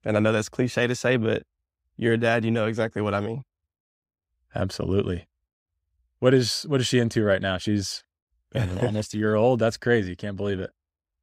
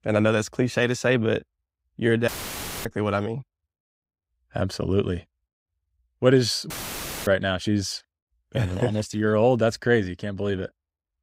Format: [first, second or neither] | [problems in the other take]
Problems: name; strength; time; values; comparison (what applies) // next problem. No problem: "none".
first | audio cutting out; filled with static; at 2.5 s for 0.5 s and at 6.5 s for 0.5 s